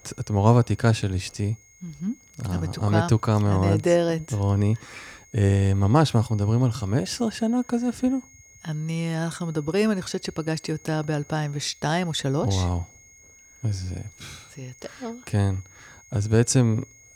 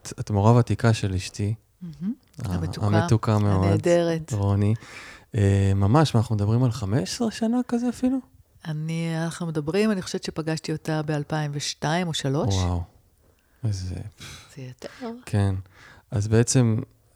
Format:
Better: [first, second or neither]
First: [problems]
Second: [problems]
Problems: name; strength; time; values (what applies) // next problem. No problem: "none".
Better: second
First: high-pitched whine; faint; throughout; 6.5 kHz, 25 dB below the speech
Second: none